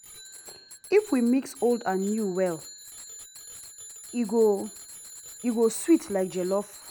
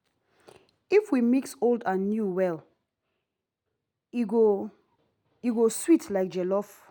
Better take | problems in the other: second | background sound (Bicycle bell); 18 dB below the speech

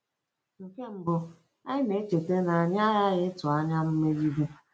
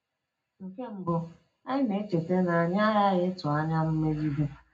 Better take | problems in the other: first | room echo; dies away in 0.3 s

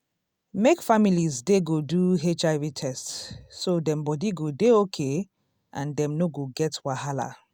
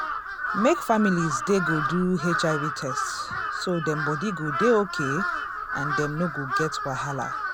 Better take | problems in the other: first | background sound (Crow); 3 dB below the speech

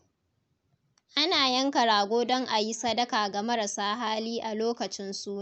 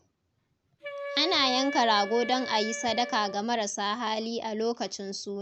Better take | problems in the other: first | background sound (Wind instrument, woodwind instrument); 10 dB below the speech

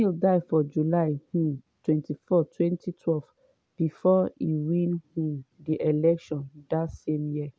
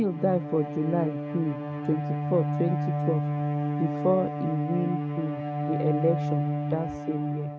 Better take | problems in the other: first | background sound (Bowed string instrument); 1 dB below the speech

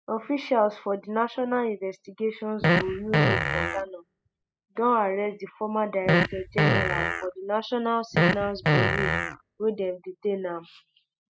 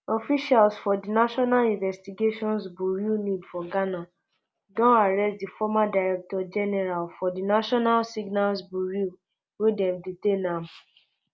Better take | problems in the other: second | noise reduction (classical method spectral subtraction)

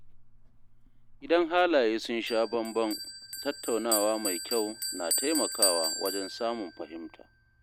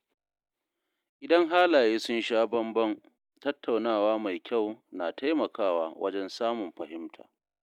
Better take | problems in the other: second | background sound (Bell); 5 dB below the speech

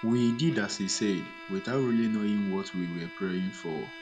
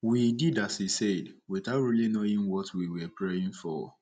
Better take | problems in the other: second | background sound (Bowed string instrument); 16 dB below the speech

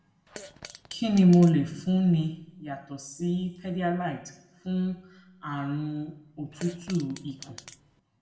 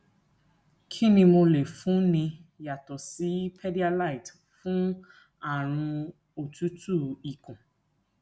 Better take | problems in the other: second | background sound (Fart); 19 dB below the speech // room echo; dies away in 0.7 s

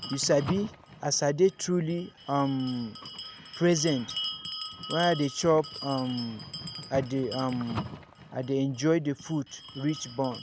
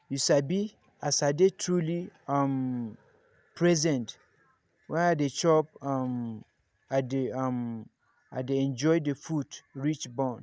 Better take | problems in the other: second | background sound (Bell); 11 dB below the speech

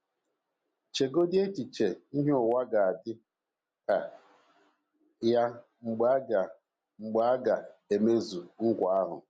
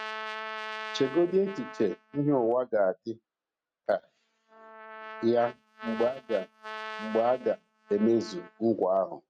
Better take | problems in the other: first | noise reduction (neural mask model RNNoise)

